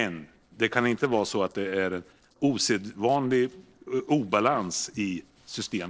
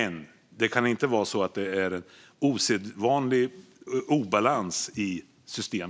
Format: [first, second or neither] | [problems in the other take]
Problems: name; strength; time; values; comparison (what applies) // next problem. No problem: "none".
second | noise reduction (neural separator model SepFormer DNS4)